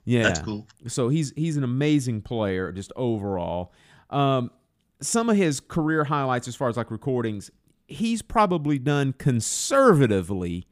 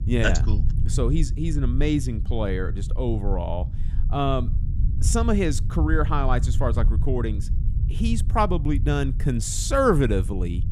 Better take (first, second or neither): first